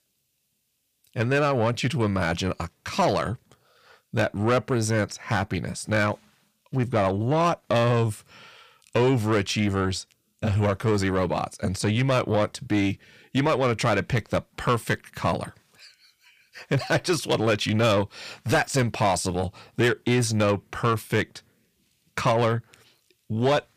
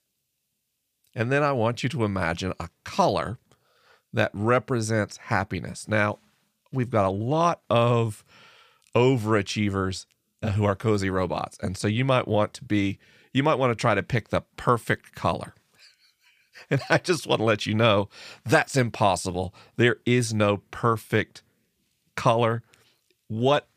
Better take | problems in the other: second | distortion; slight; 10 dB below the speech

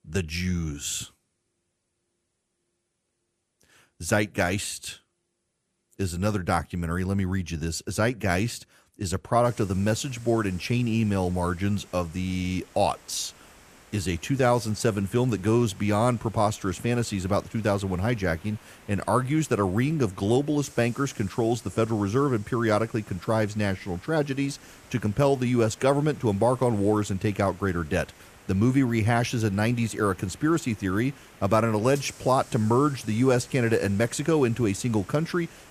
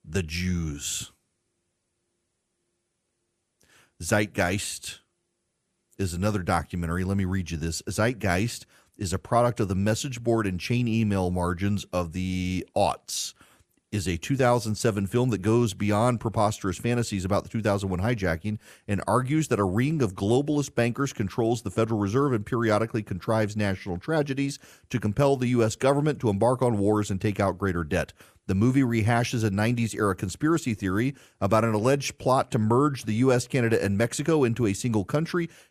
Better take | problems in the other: second | hiss; faint; from 9.5 s on; 25 dB below the speech

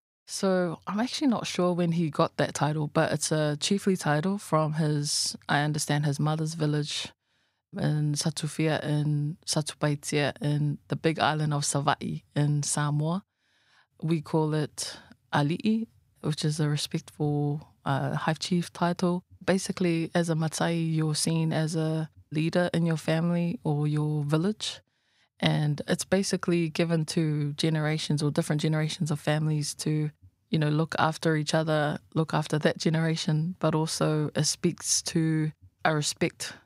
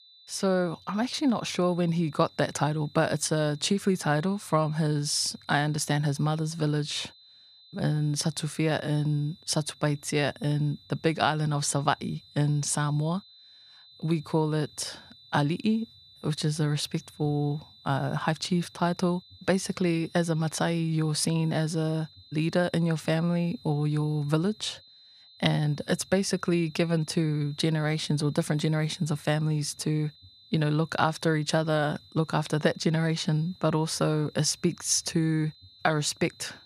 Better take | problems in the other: first | high-pitched whine; faint; throughout; 4 kHz, 25 dB below the speech

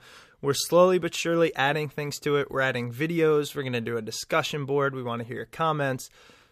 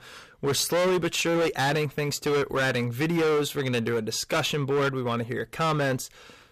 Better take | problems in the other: first | distortion; heavy; 18% of the sound clipped

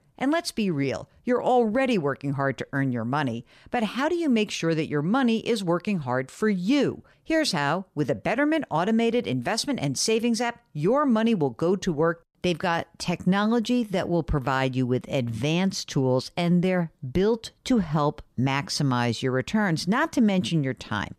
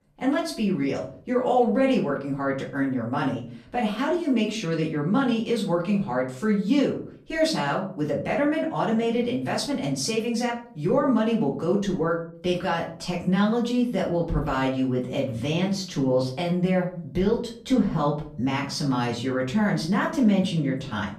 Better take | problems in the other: first | room echo; slight; dies away in 0.4 s // off-mic speech; far

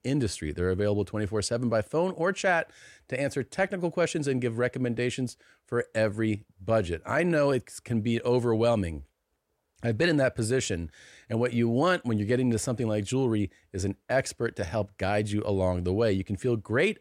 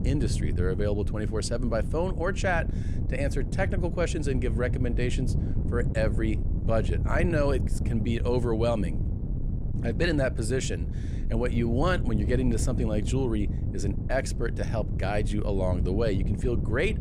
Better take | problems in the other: first | wind noise on the microphone; occasional gusts; 10 dB below the speech

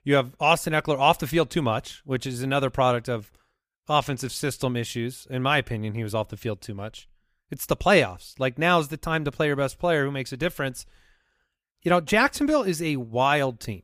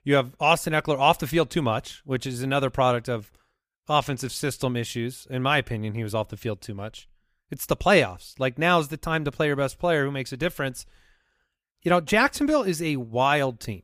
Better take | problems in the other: neither | none

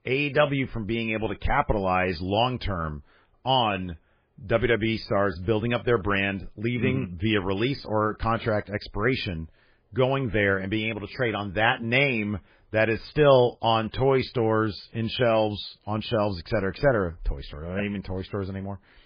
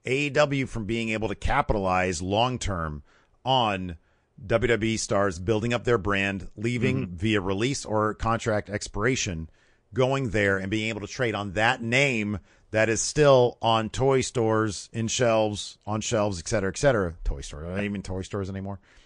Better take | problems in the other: second | garbled, watery; badly; nothing above 5 kHz; slightly in the second

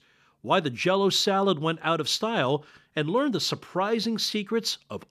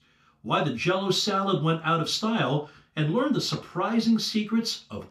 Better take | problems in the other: first | room echo; very slight; dies away in 0.3 s // off-mic speech; somewhat distant

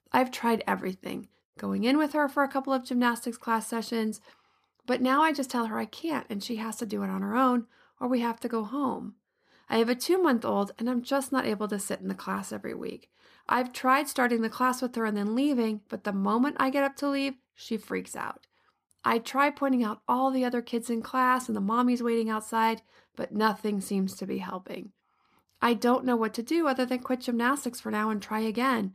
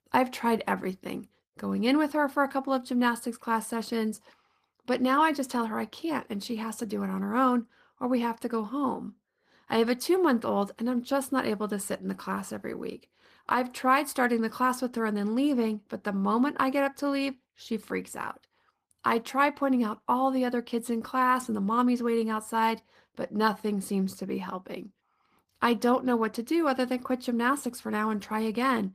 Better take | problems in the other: first | garbled, watery; slightly; nothing above 14.5 kHz

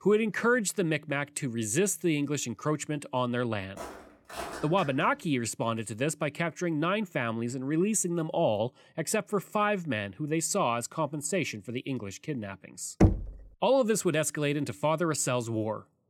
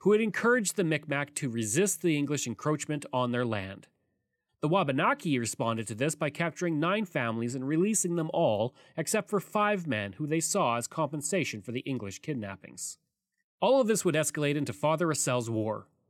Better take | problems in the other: second | footsteps; noticeable; from 4 to 5 s; peak 9 dB below the speech // door banging; loud; at 13 s; peak 4 dB above the speech

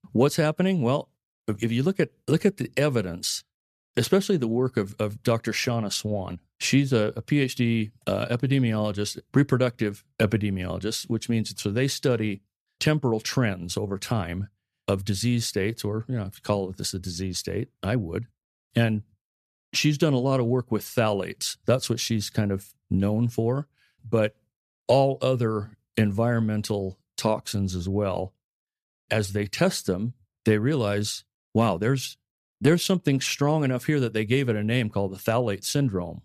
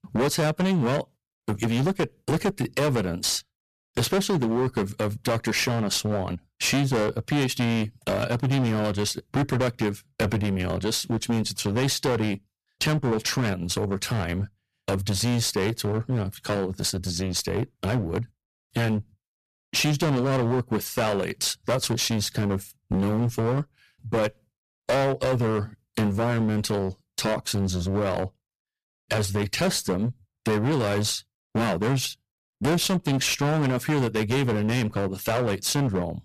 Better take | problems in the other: first | distortion; heavy; 19% of the sound clipped

